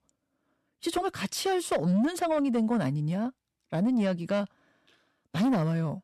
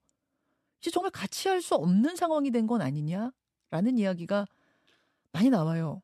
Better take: second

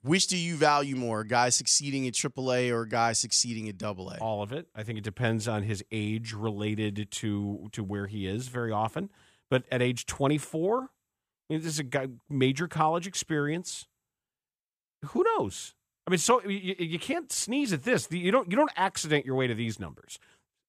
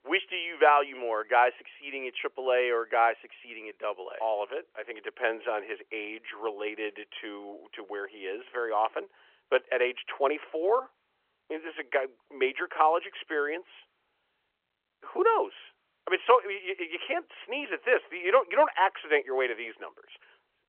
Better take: first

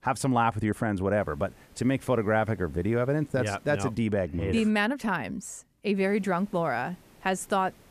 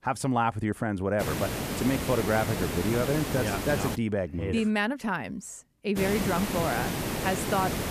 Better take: first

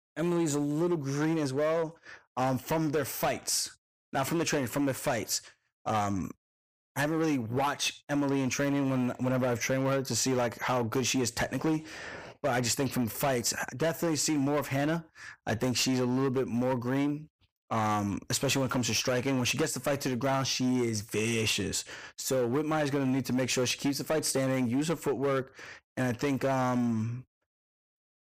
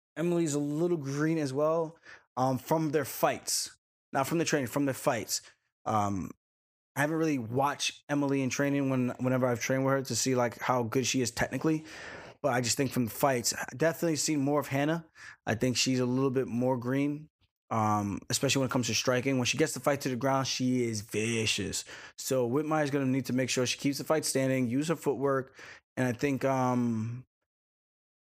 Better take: second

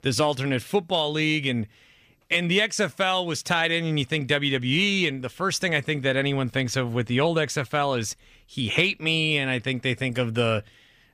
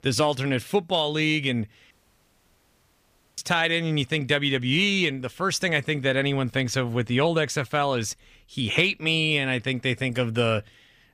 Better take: first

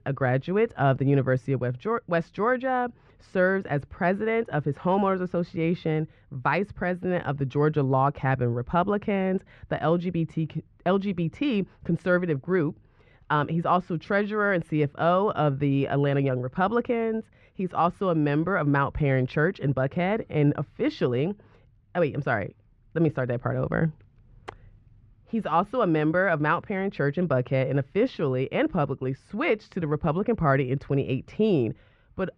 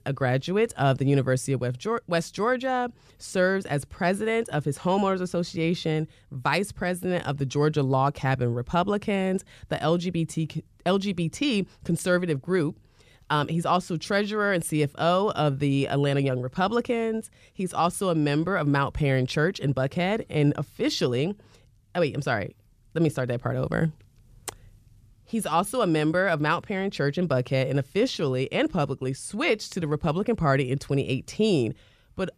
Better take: second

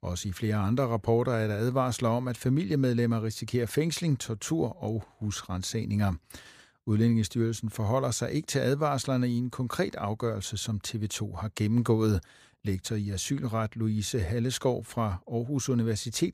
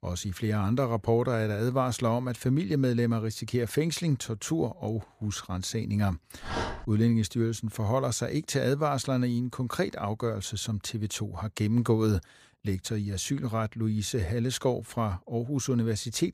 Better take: first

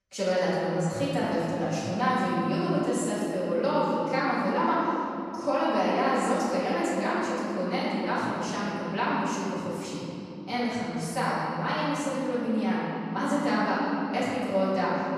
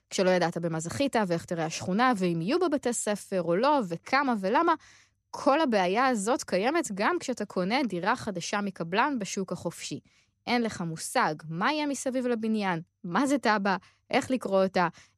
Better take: second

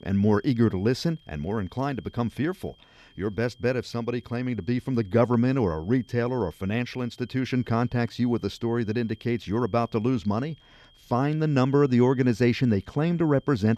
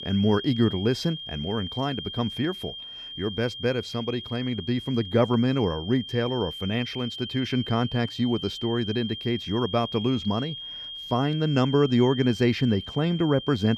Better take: first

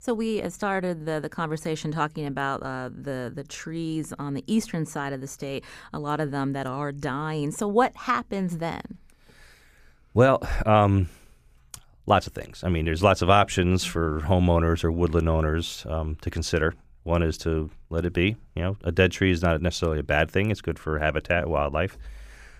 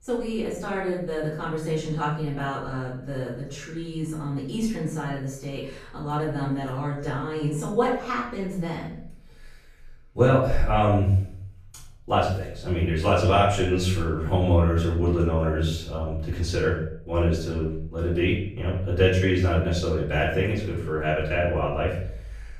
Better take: first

